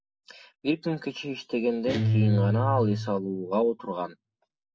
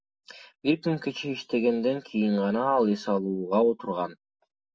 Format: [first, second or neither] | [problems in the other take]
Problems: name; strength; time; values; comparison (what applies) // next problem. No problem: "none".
second | background sound (Guitar); 1 dB above the speech